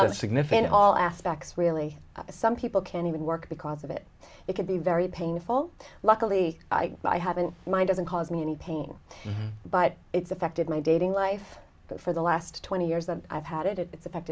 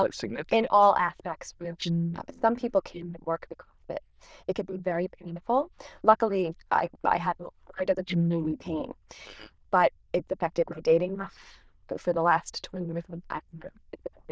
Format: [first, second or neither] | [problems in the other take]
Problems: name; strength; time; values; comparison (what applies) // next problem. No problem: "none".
first | noise reduction (neural diffusion model UNIVERSE++)